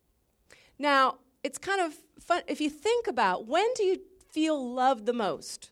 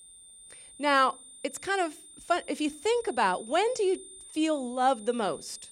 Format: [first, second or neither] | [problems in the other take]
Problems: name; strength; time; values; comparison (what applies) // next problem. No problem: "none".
first | high-pitched whine; noticeable; throughout; 9 kHz, 20 dB below the speech